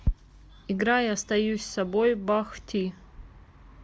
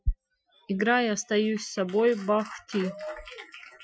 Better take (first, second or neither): first